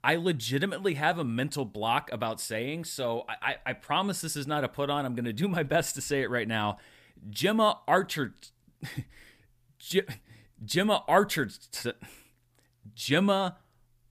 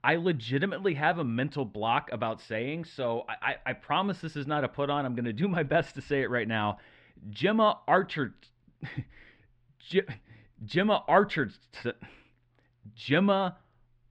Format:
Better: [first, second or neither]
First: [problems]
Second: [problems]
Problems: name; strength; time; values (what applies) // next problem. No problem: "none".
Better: first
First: none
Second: muffled; slightly; fading above 3 kHz